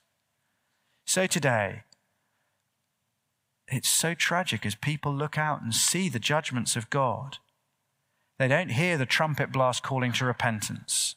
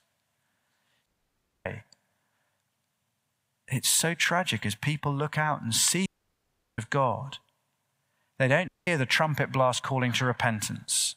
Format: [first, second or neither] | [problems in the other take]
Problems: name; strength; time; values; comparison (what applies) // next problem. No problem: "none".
first | audio cutting out; at 1 s for 0.5 s, at 6 s for 0.5 s and at 8.5 s